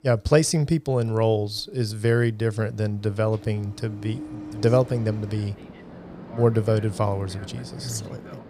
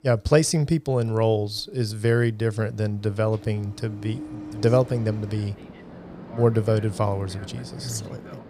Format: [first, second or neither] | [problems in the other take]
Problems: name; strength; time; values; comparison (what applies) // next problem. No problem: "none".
neither | train or aircraft noise; noticeable; throughout; 15 dB below the speech; the same in both